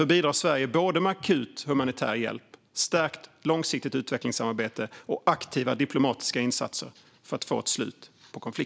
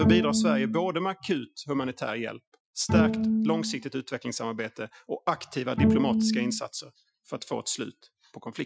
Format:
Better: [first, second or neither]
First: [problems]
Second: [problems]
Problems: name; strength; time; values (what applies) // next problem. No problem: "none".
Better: first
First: none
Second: noise reduction (classical method Wiener filter)